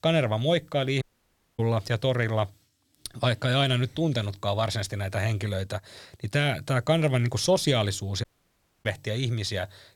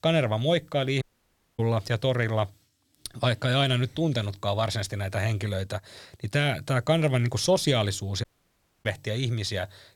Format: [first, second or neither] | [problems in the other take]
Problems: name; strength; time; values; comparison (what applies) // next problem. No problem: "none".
neither | audio cutting out; at 1 s for 0.5 s and at 8 s for 0.5 s; the same in both